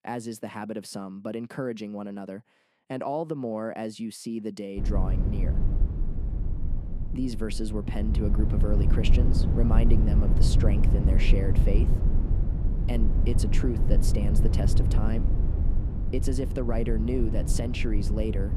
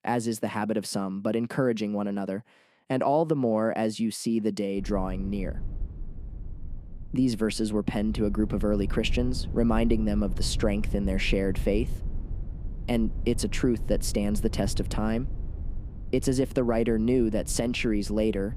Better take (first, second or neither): second